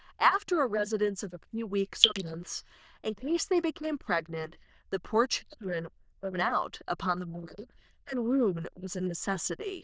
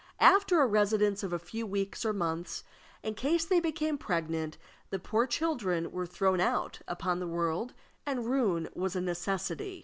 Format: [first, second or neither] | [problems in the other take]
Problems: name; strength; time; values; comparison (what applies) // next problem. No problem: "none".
second | noise reduction (neural diffusion model UNIVERSE++)